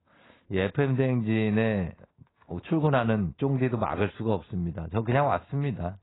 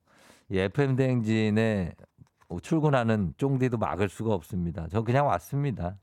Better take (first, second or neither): second